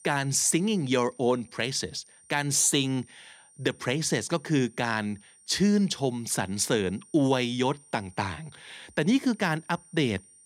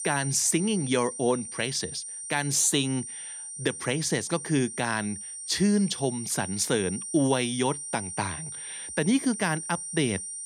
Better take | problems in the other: first | high-pitched whine; loud; throughout; 9 kHz, 8 dB below the speech; faint in the first

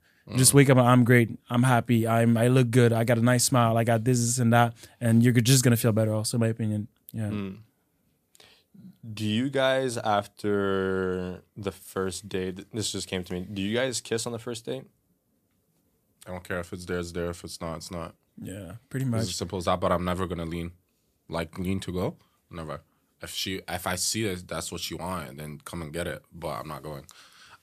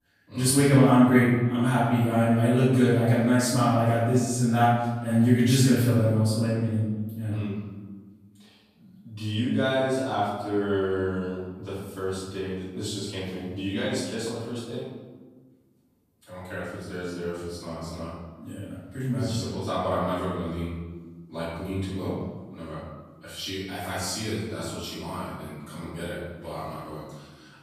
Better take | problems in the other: first | off-mic speech; far // room echo; strong; dies away in 1.3 s

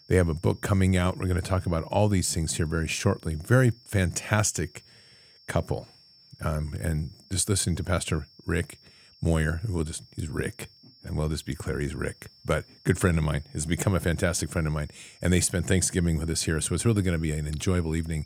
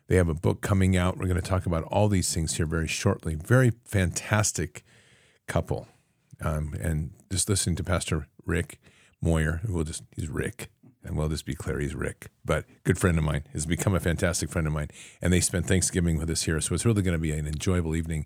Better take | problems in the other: second | high-pitched whine; faint; throughout; 5.5 kHz, 25 dB below the speech

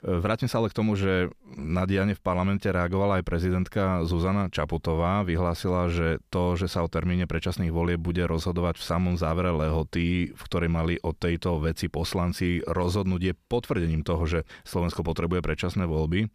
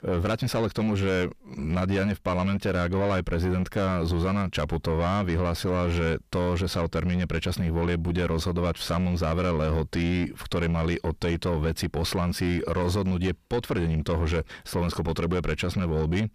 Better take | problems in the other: first | distortion; slight; 10 dB below the speech

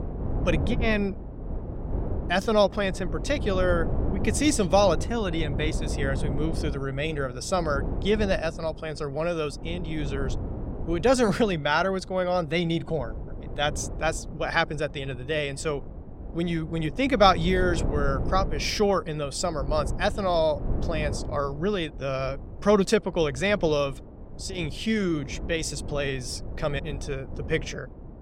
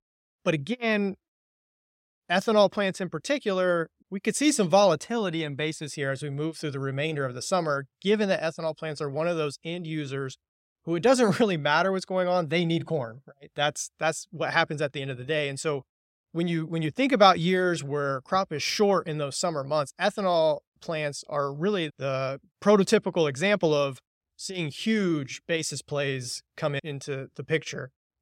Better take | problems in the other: second | wind noise on the microphone; occasional gusts; 15 dB below the speech

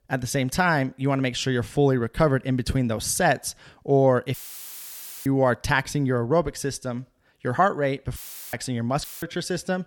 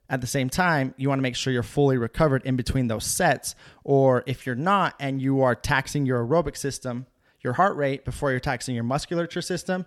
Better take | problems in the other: second | audio cutting out; filled with static; at 4.5 s for 1 s, at 8 s and at 9 s

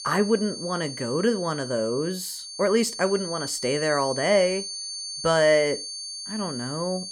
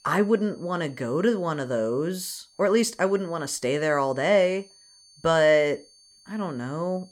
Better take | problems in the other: second | high-pitched whine; loud; throughout; 4.5 kHz, 8 dB below the speech; faint in the second

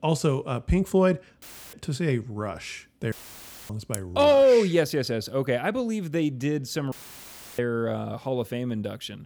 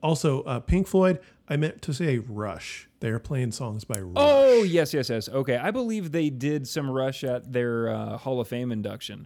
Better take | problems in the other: second | audio cutting out; filled with static; at 1.5 s, at 3 s for 0.5 s and at 7 s for 0.5 s

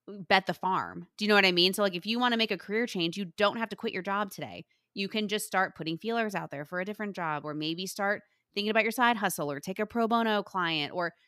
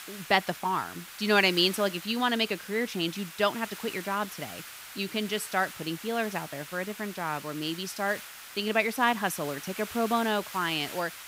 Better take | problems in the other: first | hiss; noticeable; throughout; 10 dB below the speech

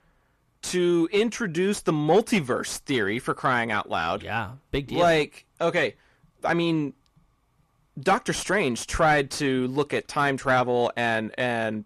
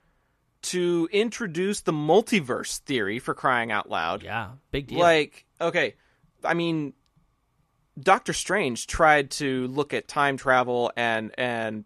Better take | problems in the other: second | distortion; slight; 10 dB below the speech

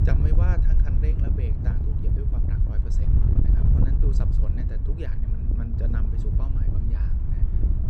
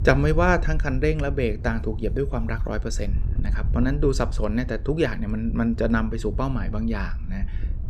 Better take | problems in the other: second | wind noise on the microphone; heavy; 3 dB above the speech; occasional gusts in the second

